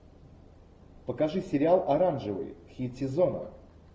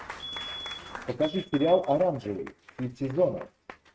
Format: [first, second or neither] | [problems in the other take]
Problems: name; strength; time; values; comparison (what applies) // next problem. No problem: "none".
first | noise reduction (neural mask model RNNoise)